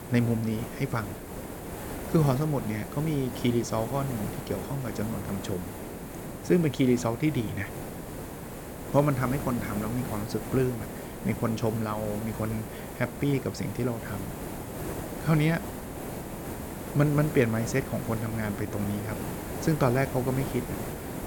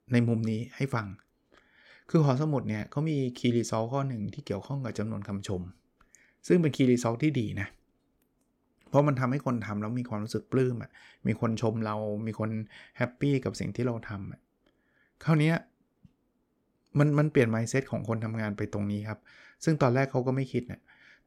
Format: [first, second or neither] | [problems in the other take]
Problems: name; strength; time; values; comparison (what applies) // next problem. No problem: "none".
second | hiss; loud; throughout; 8 dB below the speech